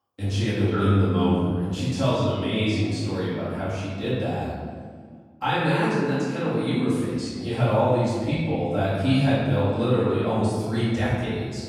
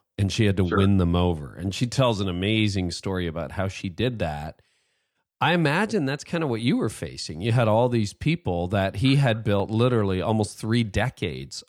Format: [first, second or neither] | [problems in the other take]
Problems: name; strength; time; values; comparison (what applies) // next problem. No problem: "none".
second | room echo; strong; dies away in 1.7 s // off-mic speech; far